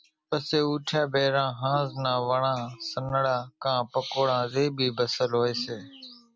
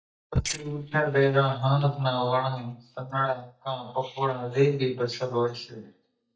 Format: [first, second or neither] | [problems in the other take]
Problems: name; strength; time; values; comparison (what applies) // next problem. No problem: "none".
first | noise reduction (neural mask model DeepFilterNet 3)